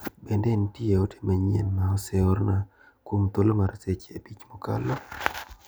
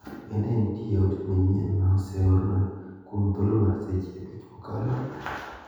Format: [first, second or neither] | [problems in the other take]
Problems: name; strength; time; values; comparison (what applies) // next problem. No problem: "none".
first | room echo; dies away in 1.2 s